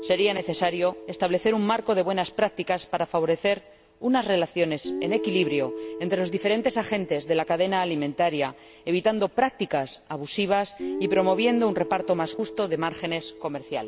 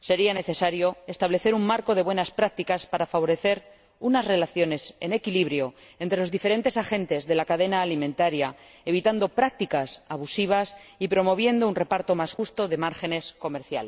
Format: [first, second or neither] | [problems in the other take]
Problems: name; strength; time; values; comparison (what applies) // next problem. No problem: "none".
second | background sound (Guitar); 12 dB below the speech